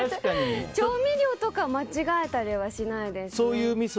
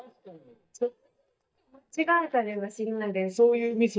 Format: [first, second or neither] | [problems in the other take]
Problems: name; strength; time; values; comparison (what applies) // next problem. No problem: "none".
first | noise reduction (neural mask model DeepFilterNet 3)